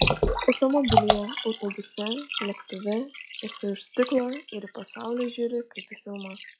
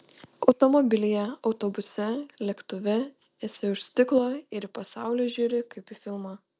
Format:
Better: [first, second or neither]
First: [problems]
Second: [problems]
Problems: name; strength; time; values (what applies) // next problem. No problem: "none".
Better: second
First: noise reduction (classical method log-MMSE)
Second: none